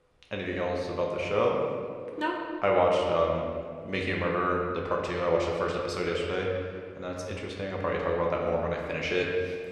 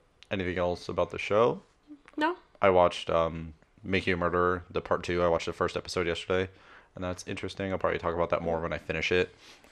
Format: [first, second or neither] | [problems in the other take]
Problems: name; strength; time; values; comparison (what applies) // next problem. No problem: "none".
second | room echo; noticeable; dies away in 1.7 s // off-mic speech; somewhat distant